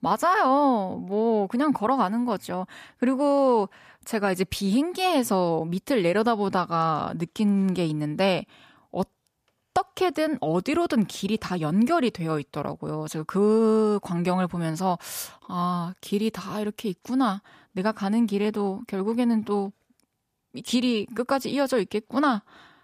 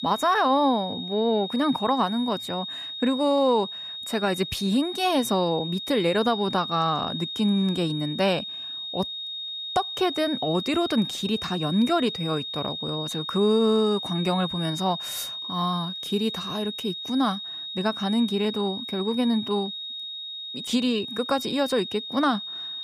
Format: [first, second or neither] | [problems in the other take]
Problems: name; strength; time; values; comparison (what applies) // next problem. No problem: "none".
first | high-pitched whine; loud; throughout; 3.5 kHz, 6 dB below the speech